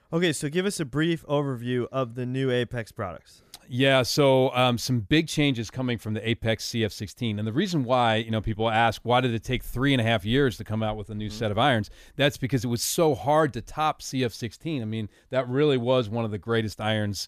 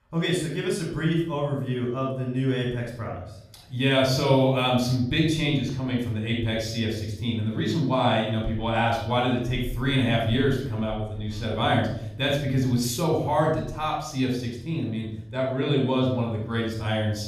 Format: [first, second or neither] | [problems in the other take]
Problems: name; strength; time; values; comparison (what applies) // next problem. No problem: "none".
first | off-mic speech; somewhat distant // room echo; noticeable; dies away in 0.7 s